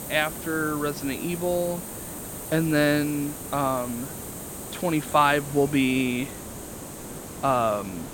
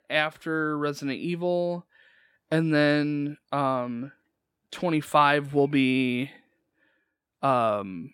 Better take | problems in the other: second | hiss; noticeable; throughout; 10 dB below the speech

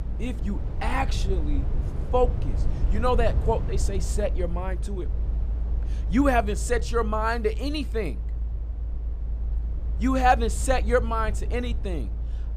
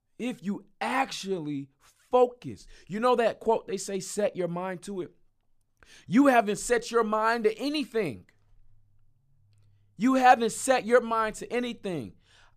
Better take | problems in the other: second | low rumble; noticeable; throughout; 20 dB below the speech

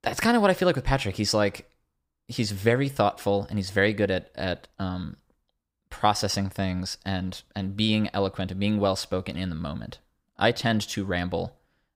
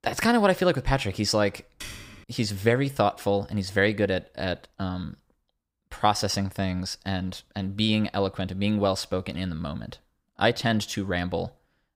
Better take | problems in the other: first | keyboard typing; faint; at 2 s; peak 15 dB below the speech

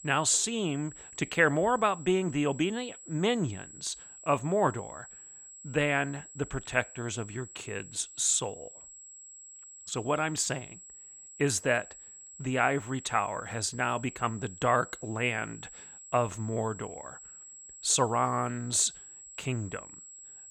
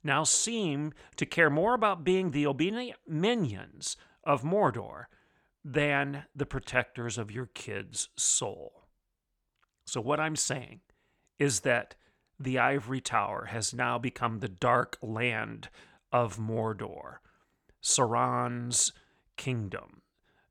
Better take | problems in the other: second | high-pitched whine; noticeable; throughout; 7.5 kHz, 15 dB below the speech

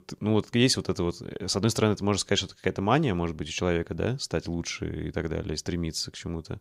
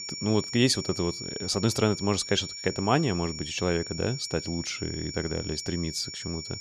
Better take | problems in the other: first | high-pitched whine; loud; throughout; 5.5 kHz, 7 dB below the speech

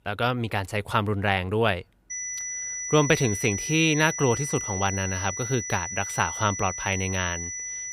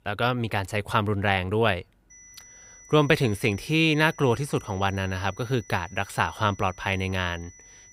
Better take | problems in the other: second | high-pitched whine; loud; from 2 s on; 6 kHz, 5 dB below the speech; faint in the second

